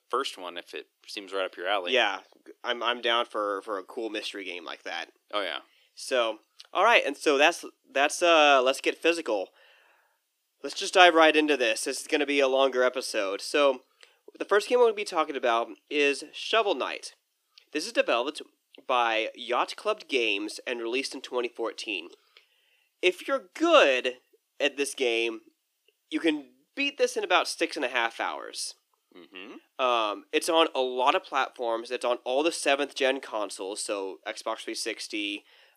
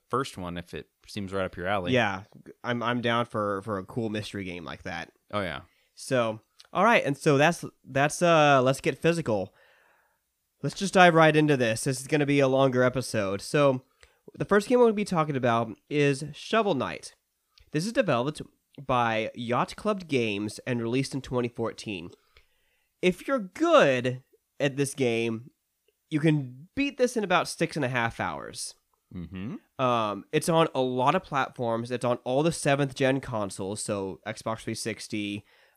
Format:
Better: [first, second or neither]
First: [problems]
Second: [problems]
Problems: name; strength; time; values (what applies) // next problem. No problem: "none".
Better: second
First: thin; somewhat; fading below 300 Hz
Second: none